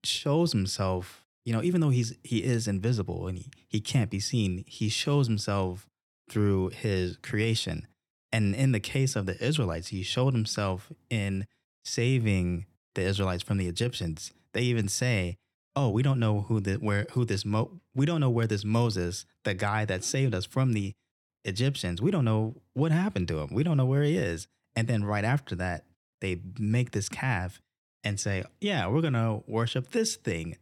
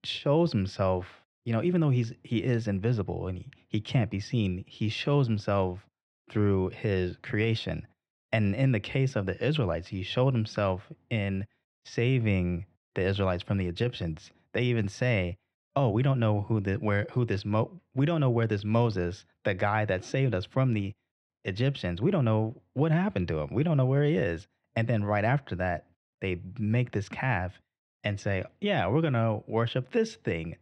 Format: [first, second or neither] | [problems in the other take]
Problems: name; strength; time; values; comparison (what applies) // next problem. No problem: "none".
first | muffled; slightly; fading above 2.5 kHz